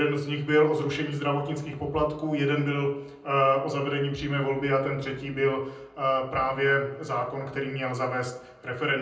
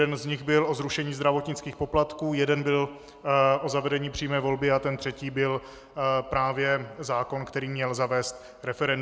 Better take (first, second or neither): second